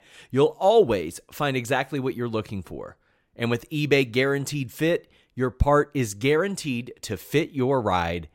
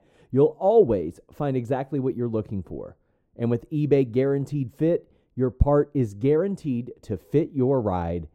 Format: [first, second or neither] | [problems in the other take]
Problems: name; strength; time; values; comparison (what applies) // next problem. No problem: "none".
first | muffled; very; fading above 1 kHz